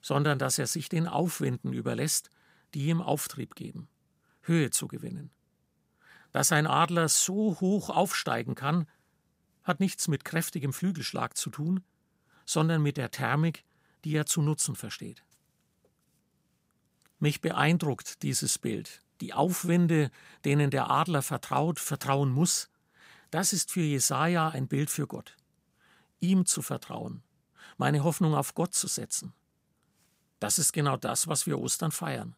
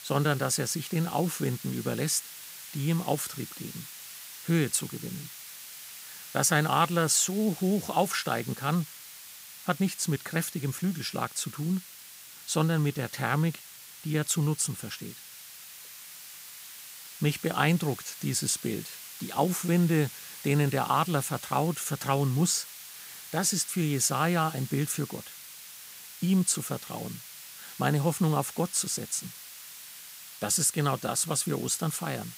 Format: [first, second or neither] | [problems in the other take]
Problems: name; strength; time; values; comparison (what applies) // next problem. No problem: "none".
first | hiss; noticeable; throughout; 15 dB below the speech